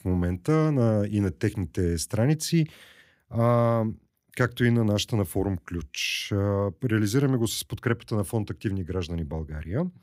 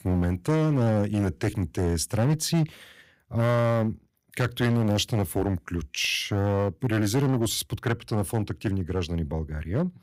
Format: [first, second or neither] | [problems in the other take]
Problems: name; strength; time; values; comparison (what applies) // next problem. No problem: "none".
first | distortion; slight; 8% of the sound clipped